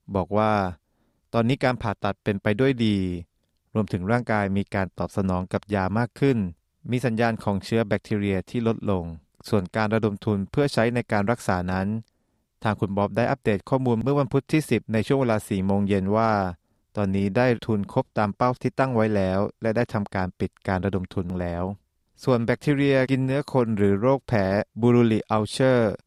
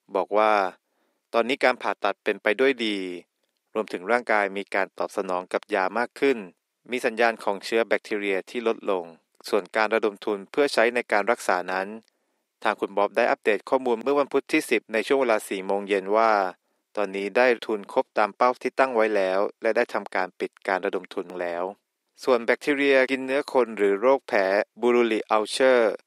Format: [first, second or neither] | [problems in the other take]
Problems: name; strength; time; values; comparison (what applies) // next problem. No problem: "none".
first | thin; somewhat; fading below 300 Hz